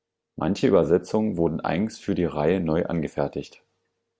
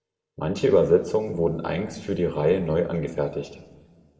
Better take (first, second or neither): first